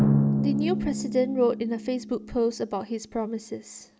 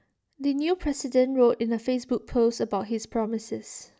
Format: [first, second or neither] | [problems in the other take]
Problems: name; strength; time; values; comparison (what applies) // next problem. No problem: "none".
second | background sound (Drum); as loud as the speech